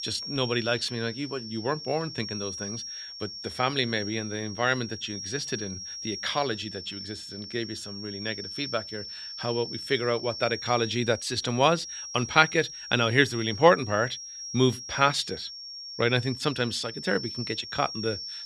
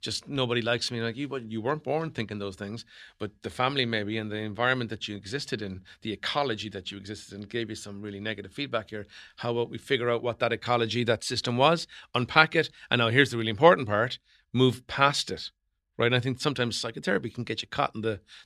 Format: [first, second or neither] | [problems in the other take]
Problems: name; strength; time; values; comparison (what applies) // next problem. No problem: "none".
second | high-pitched whine; loud; throughout; 5.5 kHz, 9 dB below the speech